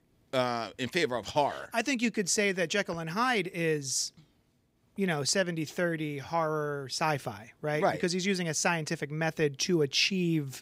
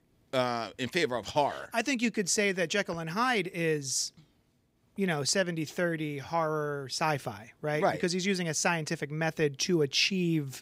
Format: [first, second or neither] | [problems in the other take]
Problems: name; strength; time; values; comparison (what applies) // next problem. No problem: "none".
neither | none